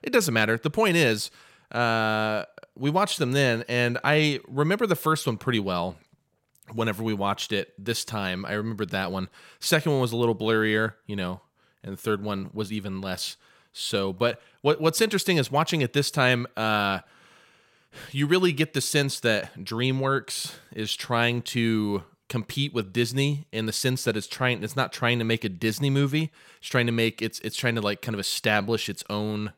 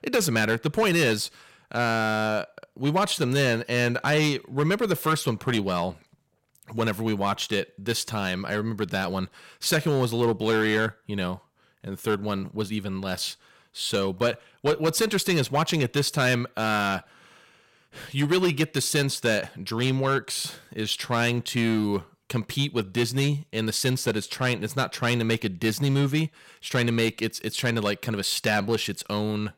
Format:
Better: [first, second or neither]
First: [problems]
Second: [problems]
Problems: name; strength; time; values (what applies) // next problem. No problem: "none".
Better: first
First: none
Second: distortion; slight; 4% of the sound clipped